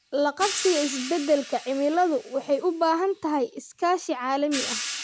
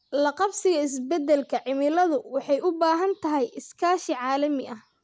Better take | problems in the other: second | background sound (Hi-hat); 11 dB below the speech

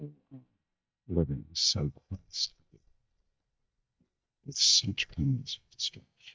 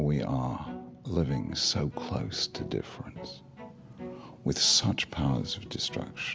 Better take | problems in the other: second | noise reduction (neural mask model DeepFilterNet 3)

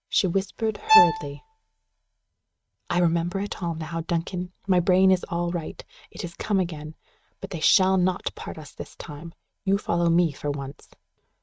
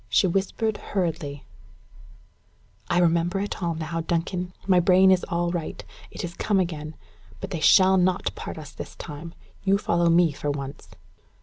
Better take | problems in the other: second | noise reduction (neural mask model RNNoise)

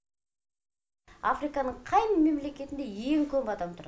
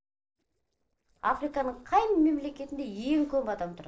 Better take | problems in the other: first | noise reduction (neural separator model SepFormer DNS4)

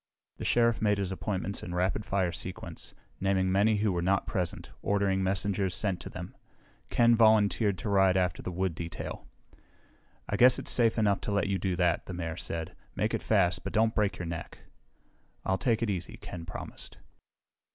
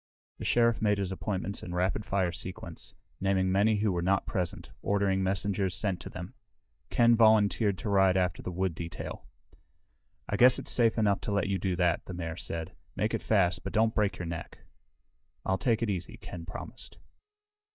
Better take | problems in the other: first | noise reduction (neural mask model DeepFilterNet 3)

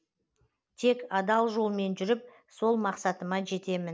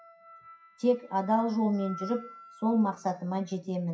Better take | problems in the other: first | noise reduction (classical method WPE with log-MMSE)

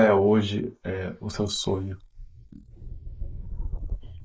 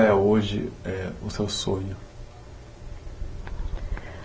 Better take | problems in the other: second | noise reduction (neural mask model Resemble Enhance denoiser)

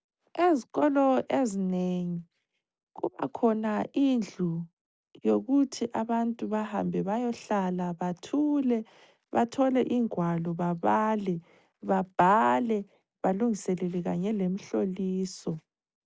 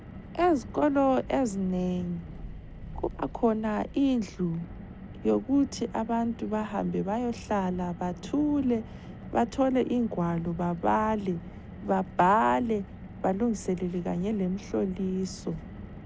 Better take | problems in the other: first | background sound (Car); 14 dB below the speech

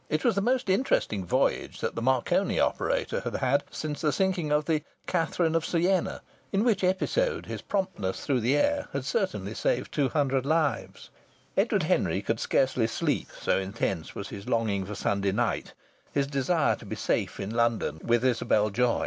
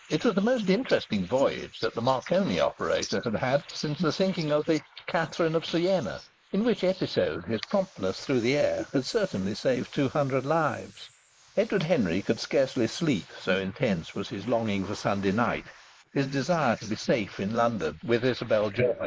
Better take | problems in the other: first | noise reduction (neural mask model Resemble Enhance denoiser)

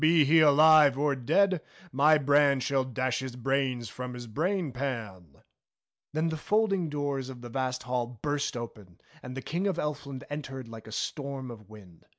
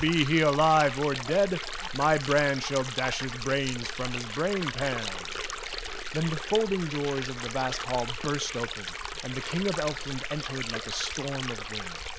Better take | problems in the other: first | background sound (Stream); 6 dB below the speech

